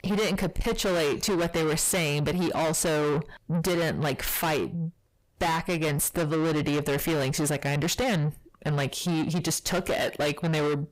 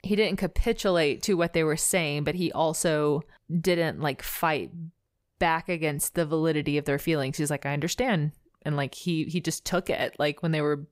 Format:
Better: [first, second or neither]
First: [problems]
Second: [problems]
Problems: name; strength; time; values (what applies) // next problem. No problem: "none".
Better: second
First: distortion; heavy; 6 dB below the speech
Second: none